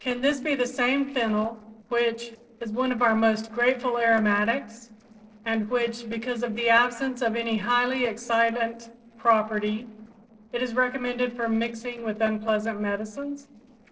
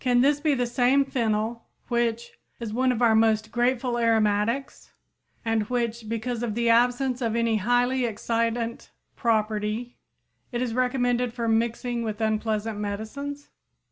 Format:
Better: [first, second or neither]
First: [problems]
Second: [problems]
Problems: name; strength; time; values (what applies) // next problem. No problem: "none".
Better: second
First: noise reduction (neural separator model SepFormer DNS4)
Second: none